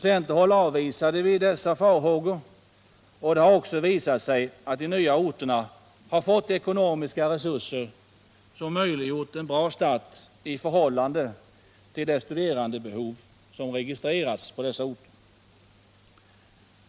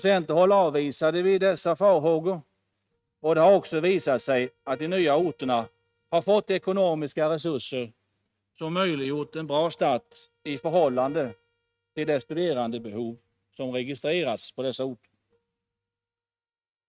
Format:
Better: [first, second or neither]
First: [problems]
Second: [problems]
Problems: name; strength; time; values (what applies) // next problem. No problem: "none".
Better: first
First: none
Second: noise reduction (neural mask model RNNoise)